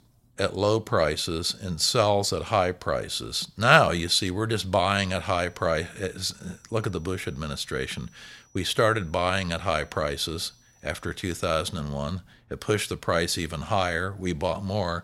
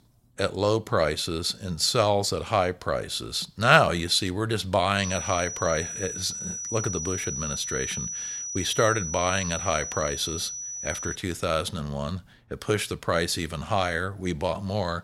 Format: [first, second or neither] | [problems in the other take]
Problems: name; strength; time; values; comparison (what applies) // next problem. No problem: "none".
first | high-pitched whine; loud; from 5 to 11 s; 6 kHz, 5 dB below the speech; faint in the first